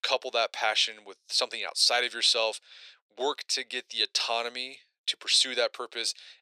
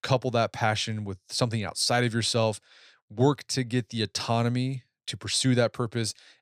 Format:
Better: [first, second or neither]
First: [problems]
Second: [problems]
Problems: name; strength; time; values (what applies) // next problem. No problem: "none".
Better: second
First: thin; very; fading below 450 Hz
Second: none